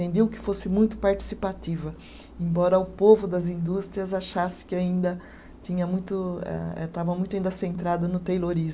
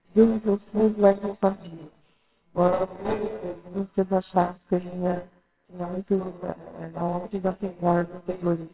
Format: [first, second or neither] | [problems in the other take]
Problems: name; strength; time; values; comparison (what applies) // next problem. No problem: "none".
first | noise reduction (neural separator model SepFormer WHAMR!)